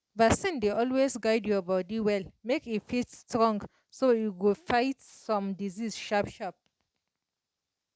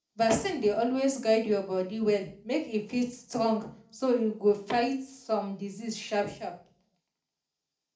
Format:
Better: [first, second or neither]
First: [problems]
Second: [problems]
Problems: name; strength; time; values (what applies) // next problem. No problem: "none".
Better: first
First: none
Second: room echo; dies away in 0.3 s